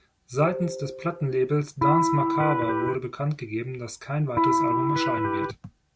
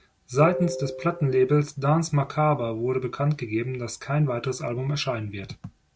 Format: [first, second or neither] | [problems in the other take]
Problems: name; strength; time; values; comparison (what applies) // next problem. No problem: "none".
second | background sound (Electric guitar); 4 dB above the speech